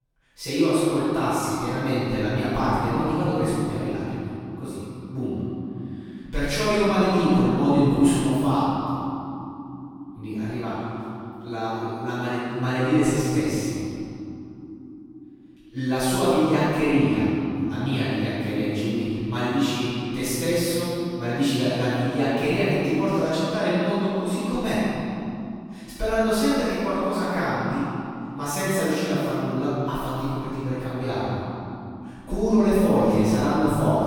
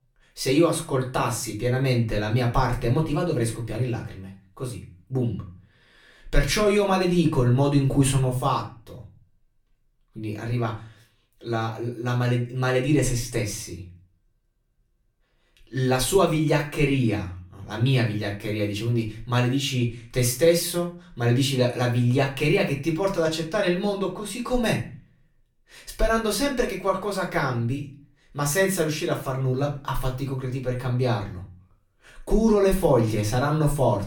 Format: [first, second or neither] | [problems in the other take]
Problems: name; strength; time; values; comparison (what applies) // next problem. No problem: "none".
second | room echo; strong; dies away in 3 s; slight in the second // off-mic speech; far; far in the second